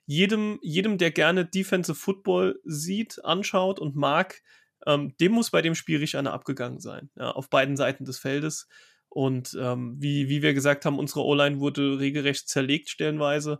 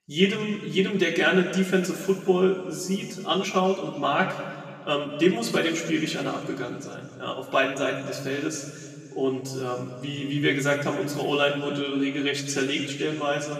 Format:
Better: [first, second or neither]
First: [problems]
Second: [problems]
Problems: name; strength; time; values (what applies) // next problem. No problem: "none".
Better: first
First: none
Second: room echo; noticeable; dies away in 2 s // off-mic speech; far